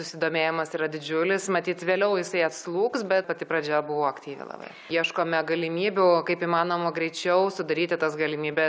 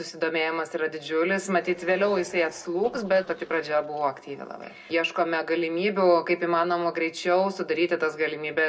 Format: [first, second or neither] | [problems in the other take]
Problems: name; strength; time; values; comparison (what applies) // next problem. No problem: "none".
first | noise reduction (neural separator model SepFormer DNS4)